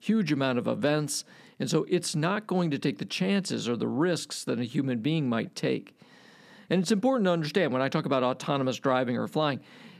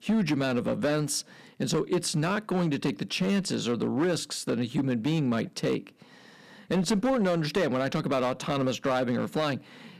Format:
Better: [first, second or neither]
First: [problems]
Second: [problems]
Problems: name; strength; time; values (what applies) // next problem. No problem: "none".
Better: first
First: none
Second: distortion; slight; 7% of the sound clipped